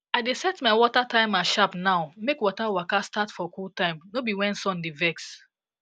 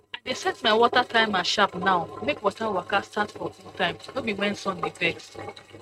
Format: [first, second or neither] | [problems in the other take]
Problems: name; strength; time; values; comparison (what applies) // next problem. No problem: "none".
first | noise reduction (neural mask model RNNoise)